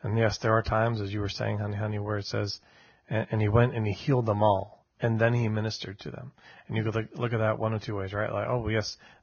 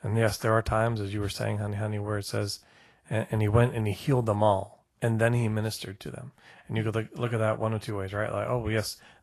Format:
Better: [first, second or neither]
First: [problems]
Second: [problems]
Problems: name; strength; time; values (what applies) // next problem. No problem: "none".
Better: second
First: garbled, watery; badly; nothing above 6 kHz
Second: garbled, watery; slightly; nothing above 12.5 kHz